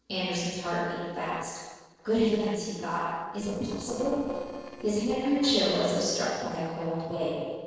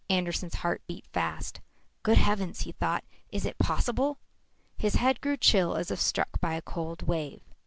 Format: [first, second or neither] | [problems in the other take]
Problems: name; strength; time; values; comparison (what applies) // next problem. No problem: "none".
second | noise reduction (neural separator model SepFormer DNS4)